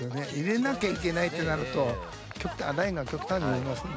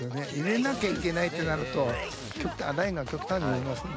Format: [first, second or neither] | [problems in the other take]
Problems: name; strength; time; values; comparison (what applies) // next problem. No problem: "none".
first | background sound (Sneeze); 12 dB below the speech